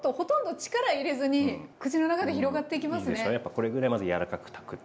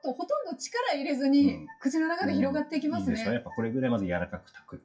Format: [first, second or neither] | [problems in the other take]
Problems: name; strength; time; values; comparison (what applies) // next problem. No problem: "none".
first | noise reduction (classical method WPE with log-MMSE)